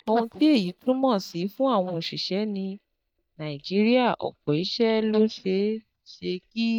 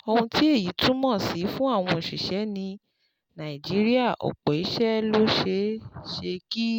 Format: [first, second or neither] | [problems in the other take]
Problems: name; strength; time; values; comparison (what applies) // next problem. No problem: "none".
second | noise reduction (neural mask model DeepFilterNet 3)